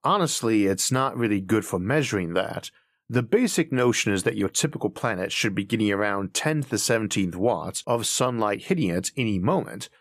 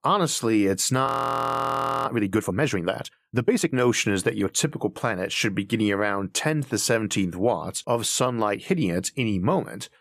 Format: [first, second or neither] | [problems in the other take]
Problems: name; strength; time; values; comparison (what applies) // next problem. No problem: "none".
first | audio freezing; at 1 s for 1 s